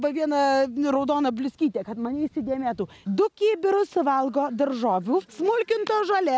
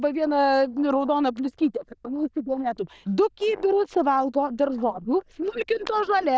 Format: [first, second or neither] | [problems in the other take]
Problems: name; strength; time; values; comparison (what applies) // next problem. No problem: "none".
first | noise reduction (neural diffusion model UNIVERSE++)